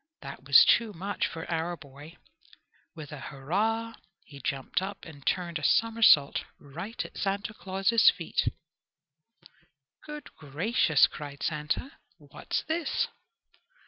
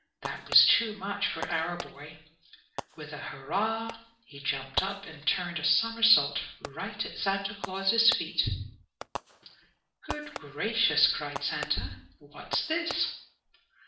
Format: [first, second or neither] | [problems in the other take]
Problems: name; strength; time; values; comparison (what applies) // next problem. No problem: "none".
first | background sound (Fireworks); 13 dB below the speech // room echo; dies away in 0.5 s